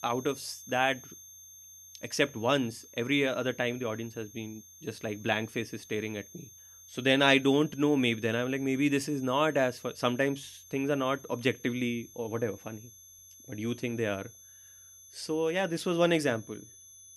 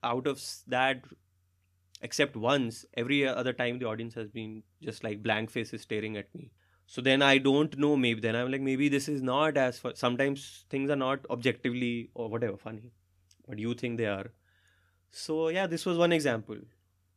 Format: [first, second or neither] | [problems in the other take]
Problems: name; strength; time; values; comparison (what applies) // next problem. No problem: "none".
second | high-pitched whine; noticeable; throughout; 6.5 kHz, 20 dB below the speech